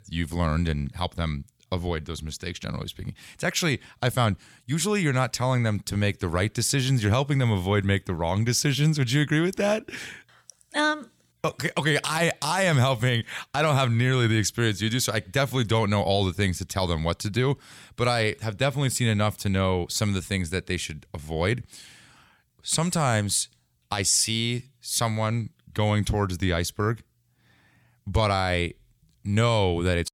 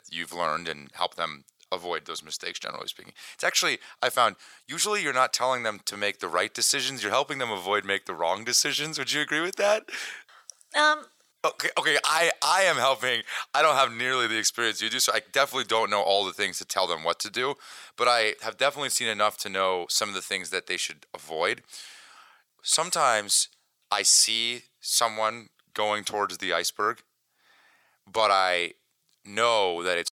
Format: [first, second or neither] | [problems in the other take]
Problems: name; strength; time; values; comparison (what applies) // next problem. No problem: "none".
first | thin; very; fading below 600 Hz